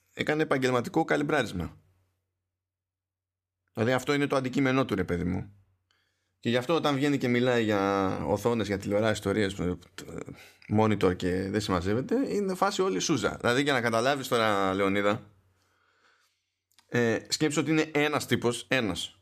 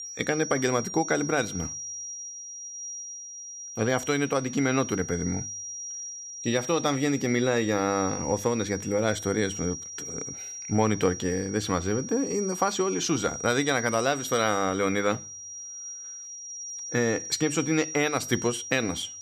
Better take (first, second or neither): first